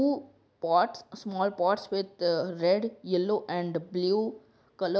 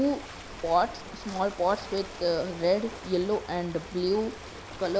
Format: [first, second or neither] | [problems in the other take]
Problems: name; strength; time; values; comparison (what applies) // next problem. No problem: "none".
first | background sound (Ocean); 13 dB below the speech